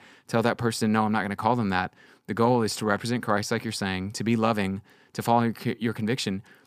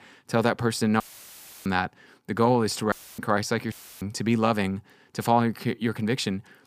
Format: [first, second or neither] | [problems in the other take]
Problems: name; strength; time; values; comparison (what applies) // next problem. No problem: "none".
first | audio cutting out; filled with static; at 1 s for 0.5 s, at 3 s and at 3.5 s